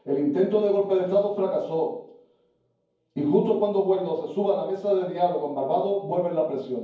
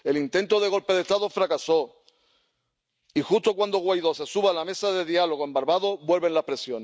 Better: second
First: room echo; dies away in 0.9 s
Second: none

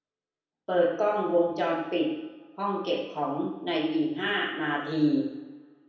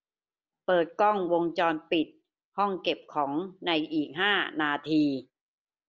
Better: second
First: room echo; dies away in 0.9 s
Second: none

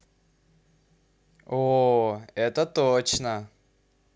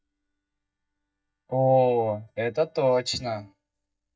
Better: first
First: none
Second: noise reduction (neural mask model DeepFilterNet 3)

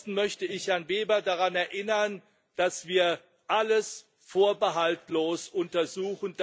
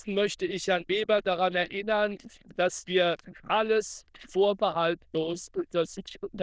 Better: first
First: none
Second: noise reduction (neural diffusion model UNIVERSE++)

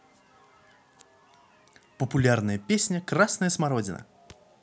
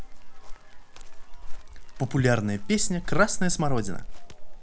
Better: first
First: none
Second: background sound (Chirp, tweet); as loud as the speech

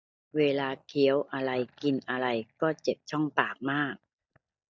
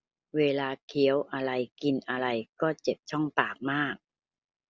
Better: second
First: noise reduction (neural mask model DeepFilterNet 3)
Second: none

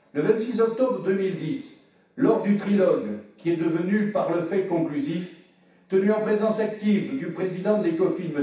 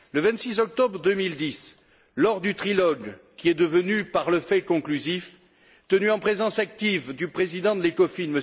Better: second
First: room echo; dies away in 0.7 s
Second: none

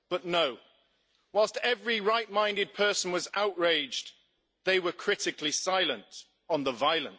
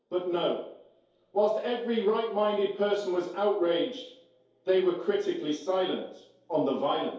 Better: first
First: none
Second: room echo; dies away in 2.4 s

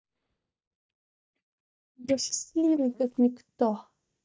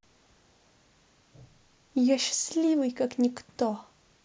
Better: second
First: noise reduction (neural mask model DeepFilterNet 3)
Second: none

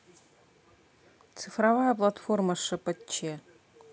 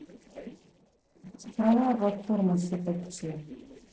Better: first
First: none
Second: noise reduction (neural separator model SepFormer DNS4)

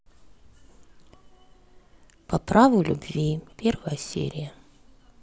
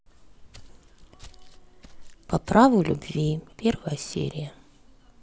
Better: first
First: none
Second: background sound (Walk, footsteps); 19 dB below the speech

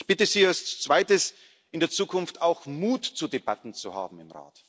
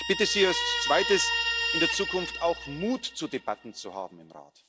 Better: first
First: none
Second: background sound (Guitar); 2 dB below the speech

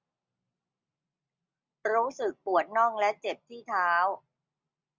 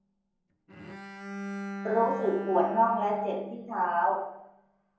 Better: first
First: none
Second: background sound (Bowed string instrument); 10 dB below the speech // room echo; dies away in 0.9 s

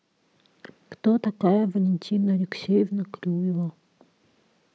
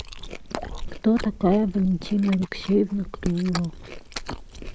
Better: first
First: none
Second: noise reduction (neural mask model Resemble Enhance denoiser)

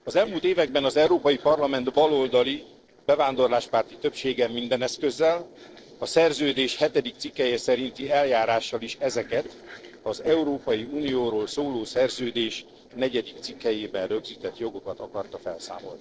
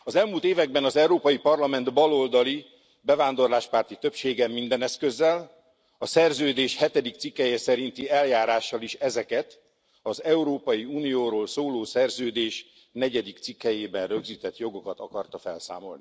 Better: second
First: noise reduction (neural separator model SepFormer DNS4)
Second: none

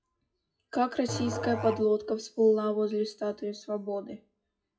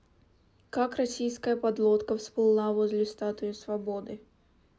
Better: second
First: noise reduction (classical method WPE with log-MMSE)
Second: none

